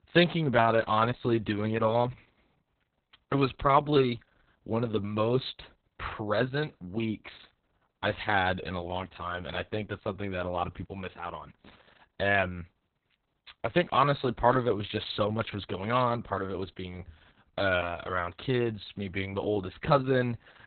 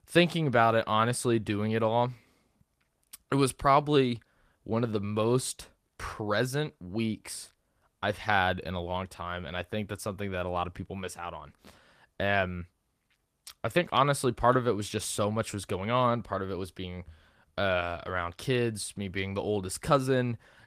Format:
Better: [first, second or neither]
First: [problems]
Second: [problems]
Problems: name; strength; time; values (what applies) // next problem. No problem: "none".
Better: second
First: garbled, watery; badly; nothing above 4 kHz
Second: garbled, watery; slightly; nothing above 14.5 kHz